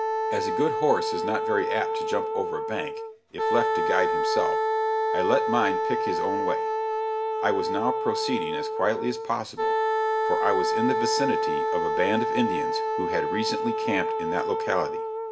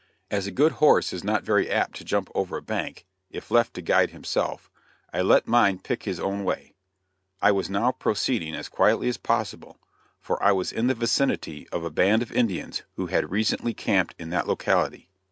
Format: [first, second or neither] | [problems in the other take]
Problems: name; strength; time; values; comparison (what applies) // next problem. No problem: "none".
second | background sound (Wind instrument, woodwind instrument); 3 dB above the speech // room echo; dies away in 0.3 s